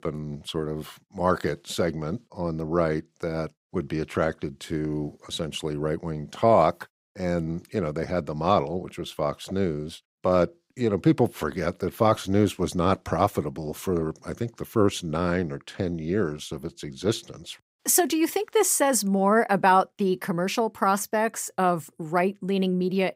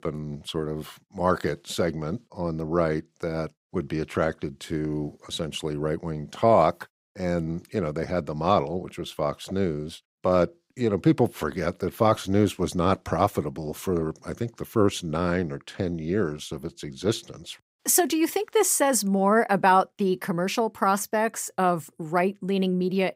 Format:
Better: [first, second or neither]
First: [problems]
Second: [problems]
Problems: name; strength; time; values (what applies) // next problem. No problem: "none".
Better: neither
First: none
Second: none